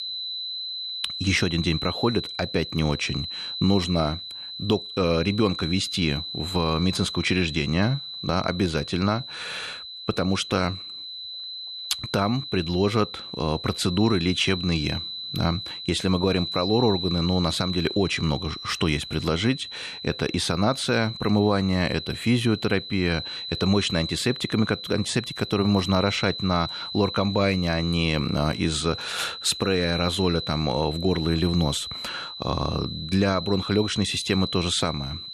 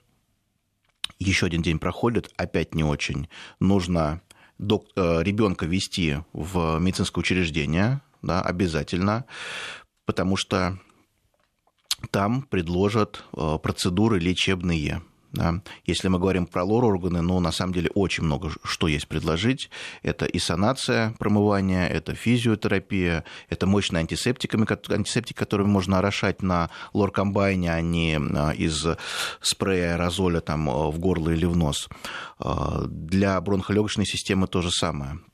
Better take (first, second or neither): second